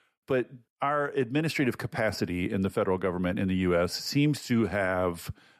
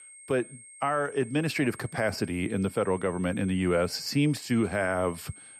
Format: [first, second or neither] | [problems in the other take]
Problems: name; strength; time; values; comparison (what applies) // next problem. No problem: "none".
first | high-pitched whine; noticeable; throughout; 8.5 kHz, 20 dB below the speech